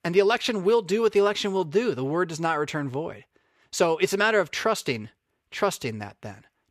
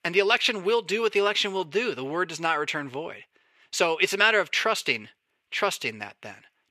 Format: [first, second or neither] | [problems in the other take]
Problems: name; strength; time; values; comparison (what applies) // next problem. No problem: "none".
first | thin; very slightly; fading below 350 Hz